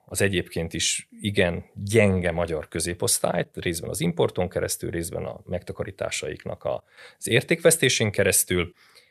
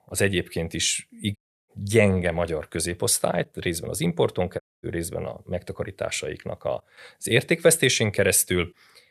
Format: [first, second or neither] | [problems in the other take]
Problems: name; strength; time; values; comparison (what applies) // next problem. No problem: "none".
first | audio cutting out; at 1.5 s and at 4.5 s